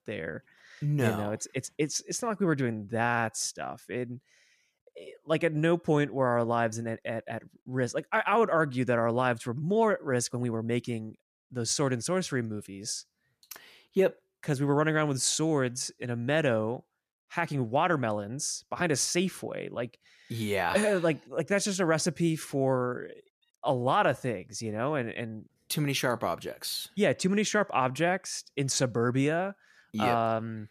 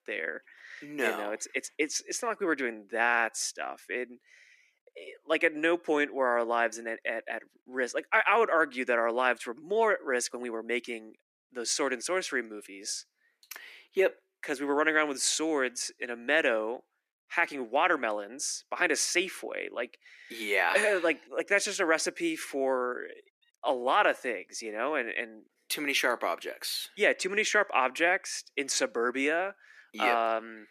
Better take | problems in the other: first | thin; somewhat; fading below 300 Hz

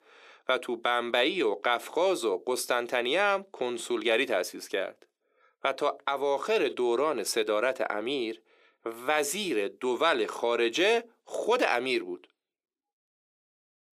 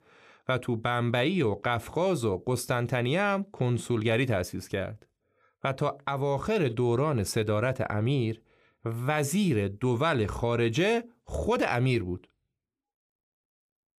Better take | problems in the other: second | thin; very; fading below 300 Hz

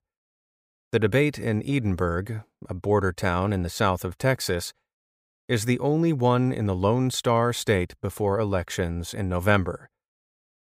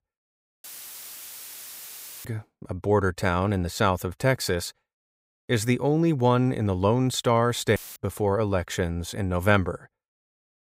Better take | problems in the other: first | audio cutting out; filled with static; at 0.5 s for 1.5 s and at 8 s

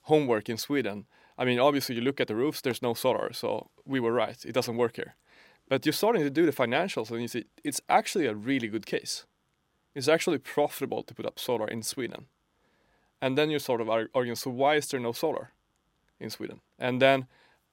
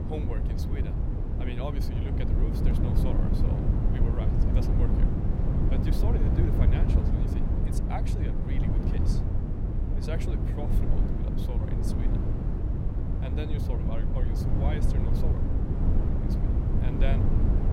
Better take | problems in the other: first | wind noise on the microphone; heavy; 3 dB above the speech

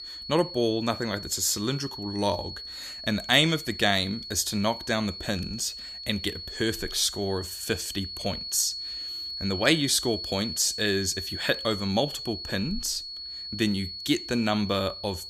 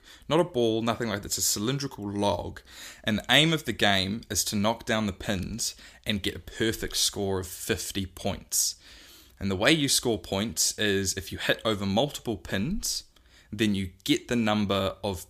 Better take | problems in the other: second | high-pitched whine; loud; throughout; 4.5 kHz, 8 dB below the speech

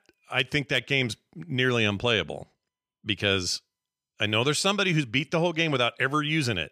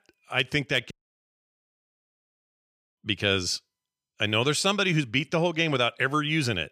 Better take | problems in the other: first | audio cutting out; at 1 s for 2 s

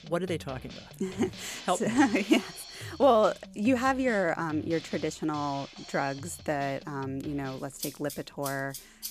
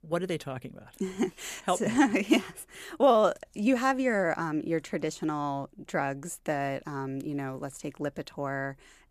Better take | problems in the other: second | background music; noticeable; throughout; 15 dB below the speech

